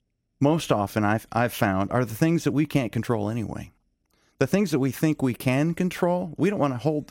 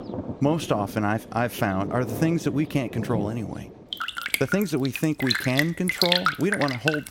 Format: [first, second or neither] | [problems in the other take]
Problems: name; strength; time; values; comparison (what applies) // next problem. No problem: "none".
first | rain or running water; loud; throughout; 3 dB below the speech